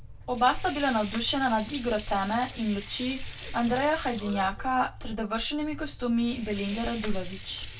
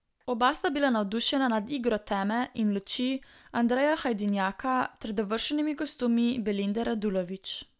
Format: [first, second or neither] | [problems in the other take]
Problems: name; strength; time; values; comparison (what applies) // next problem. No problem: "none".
second | background sound (Sink (filling or washing) / Water); 13 dB below the speech // room echo; dies away in 0.1 s